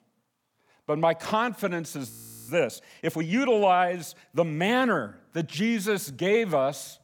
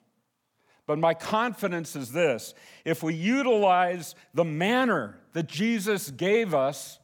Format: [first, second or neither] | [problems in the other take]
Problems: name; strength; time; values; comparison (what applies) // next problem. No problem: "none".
second | audio freezing; at 2 s